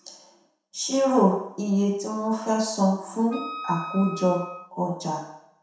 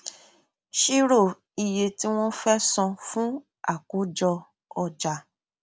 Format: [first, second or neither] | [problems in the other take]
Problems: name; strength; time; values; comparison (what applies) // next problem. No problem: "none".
second | background sound (Wind instrument, woodwind instrument); 12 dB below the speech // room echo; dies away in 0.7 s